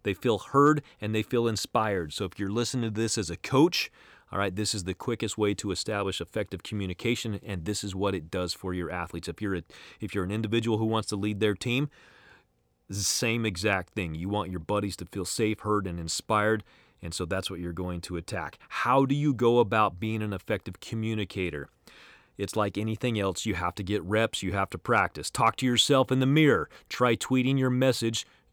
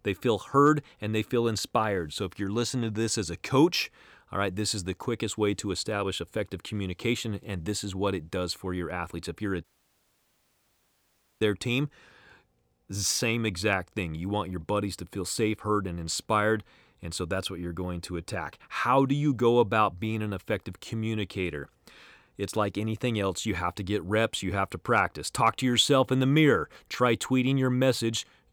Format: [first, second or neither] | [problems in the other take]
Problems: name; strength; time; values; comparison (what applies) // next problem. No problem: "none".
first | audio cutting out; at 9.5 s for 2 s